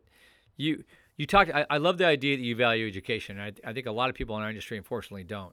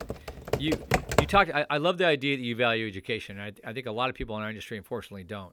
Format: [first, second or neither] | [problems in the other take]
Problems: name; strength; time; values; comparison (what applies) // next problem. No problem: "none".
first | keyboard typing; loud; until 1.5 s; peak 3 dB above the speech